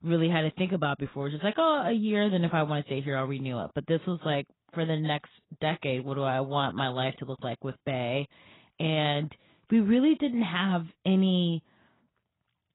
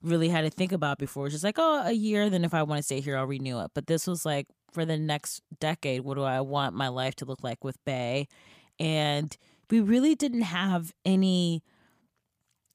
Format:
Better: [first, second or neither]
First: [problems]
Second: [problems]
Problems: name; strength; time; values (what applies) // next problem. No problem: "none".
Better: second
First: garbled, watery; badly; nothing above 4 kHz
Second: none